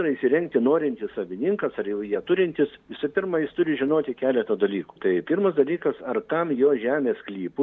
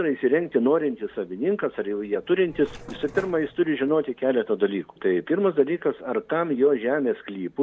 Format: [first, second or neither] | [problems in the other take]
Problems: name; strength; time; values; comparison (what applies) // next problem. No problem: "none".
first | background sound (Mechanisms); 17 dB below the speech